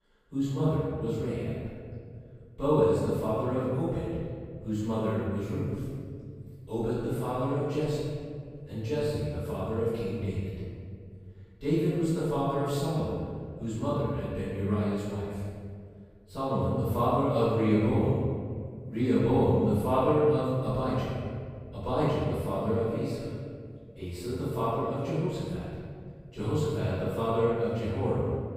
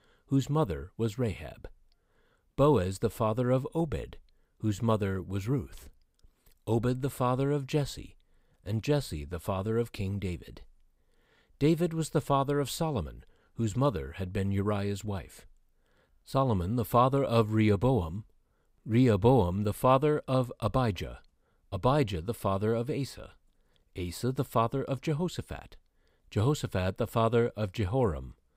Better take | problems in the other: second | off-mic speech; far // room echo; strong; dies away in 2 s

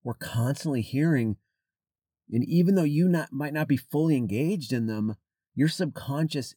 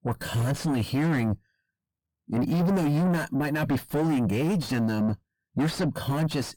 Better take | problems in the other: first | distortion; heavy; 4 dB below the speech

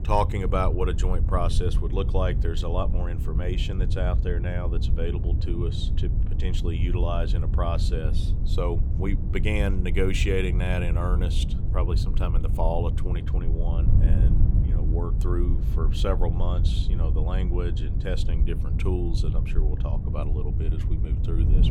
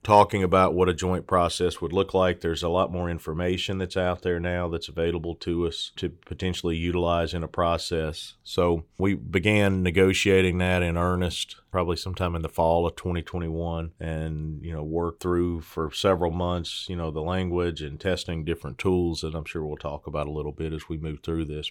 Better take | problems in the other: second | wind noise on the microphone; heavy; 9 dB below the speech

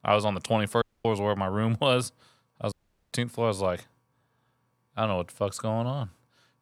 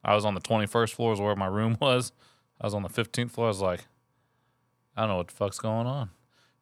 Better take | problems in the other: second | audio cutting out; at 1 s and at 2.5 s

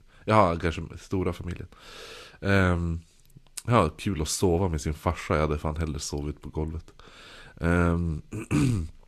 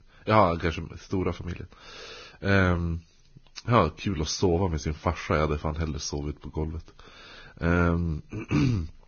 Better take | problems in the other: first | garbled, watery; badly; nothing above 6.5 kHz; slightly in the first

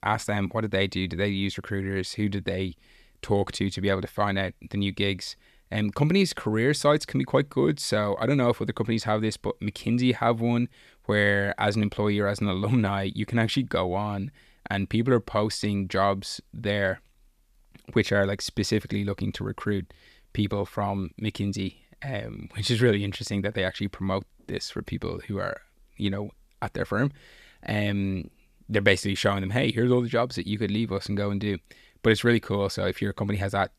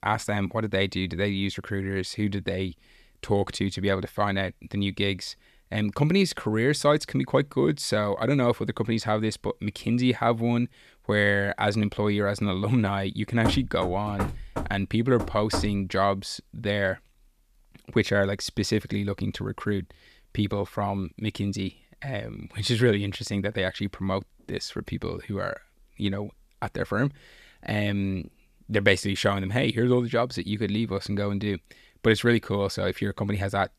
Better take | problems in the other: first | door banging; noticeable; from 13 to 16 s; peak 3 dB below the speech

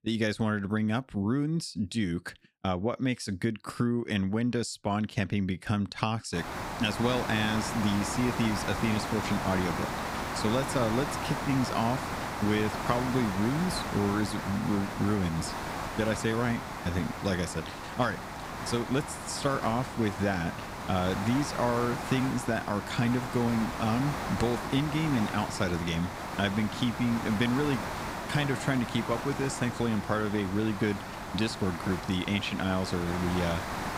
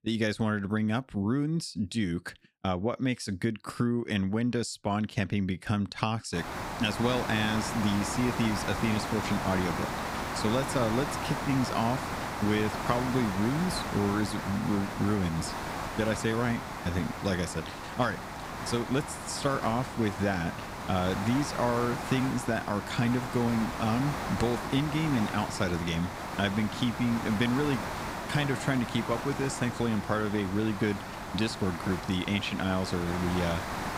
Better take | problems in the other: neither | hiss; loud; from 6.5 s on; 5 dB below the speech; the same in both

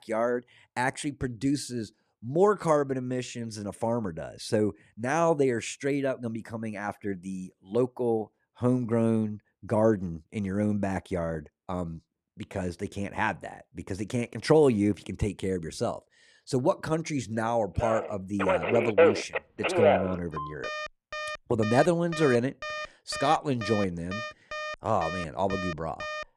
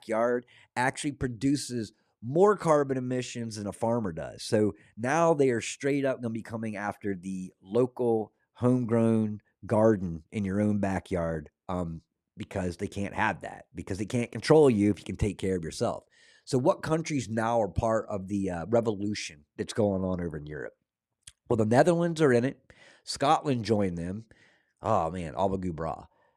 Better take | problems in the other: second | alarms or sirens; loud; from 18 s on; 2 dB below the speech

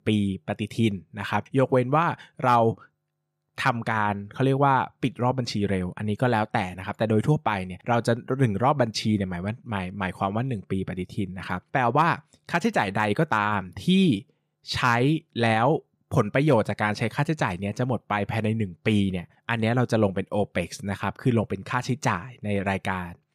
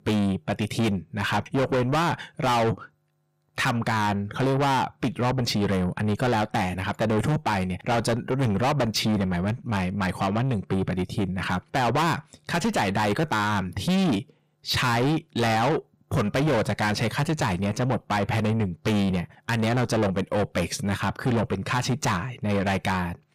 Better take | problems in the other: first | distortion; heavy; 6 dB below the speech

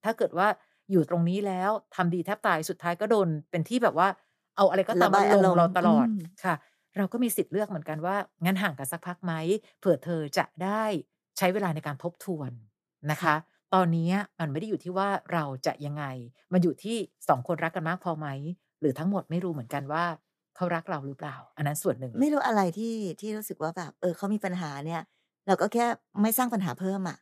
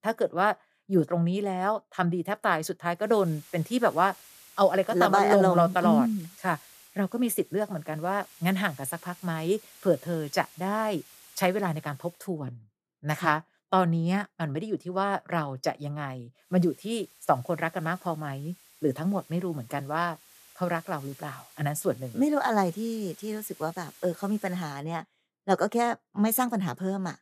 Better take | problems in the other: first | hiss; faint; from 3 to 12 s and from 16 to 25 s; 25 dB below the speech

